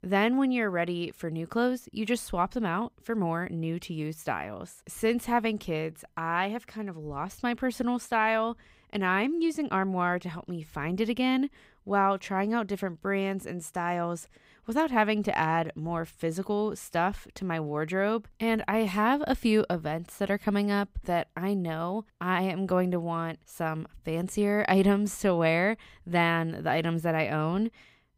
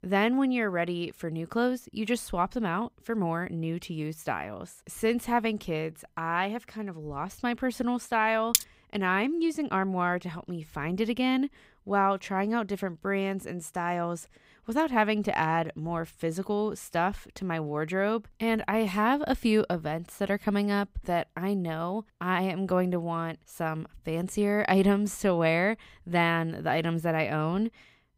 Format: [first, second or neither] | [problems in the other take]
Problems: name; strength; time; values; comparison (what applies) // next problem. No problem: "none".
first | clattering dishes; very faint; at 8.5 s; peak 3 dB above the speech